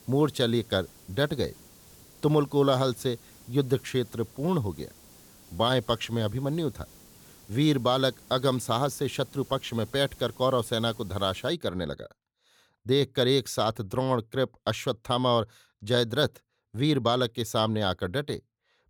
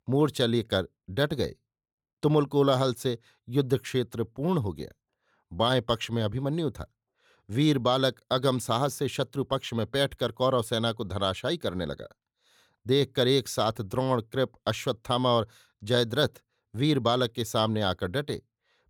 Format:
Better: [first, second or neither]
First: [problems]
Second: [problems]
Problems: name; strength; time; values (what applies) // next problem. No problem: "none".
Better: second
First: hiss; faint; until 12 s; 25 dB below the speech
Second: none